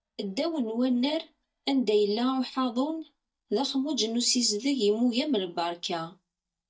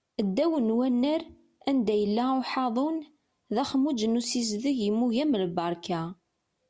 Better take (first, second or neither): second